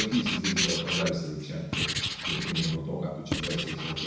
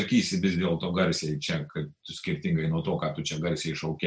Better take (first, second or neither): second